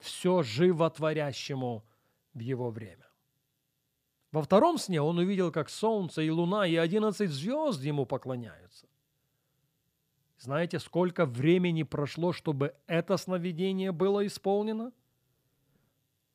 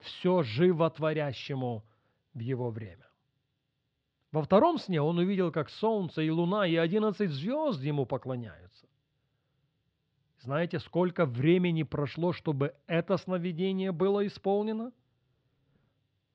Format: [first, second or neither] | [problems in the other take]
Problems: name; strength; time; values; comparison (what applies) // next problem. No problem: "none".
first | muffled; very slightly; fading above 4 kHz